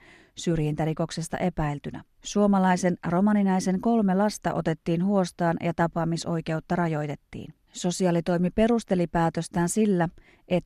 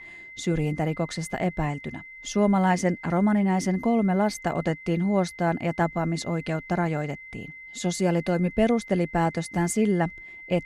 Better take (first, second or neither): first